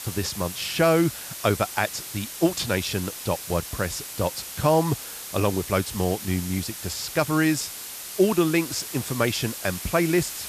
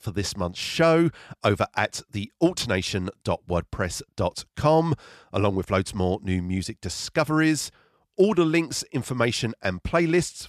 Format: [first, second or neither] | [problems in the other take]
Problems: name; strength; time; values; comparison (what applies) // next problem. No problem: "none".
second | hiss; loud; throughout; 8 dB below the speech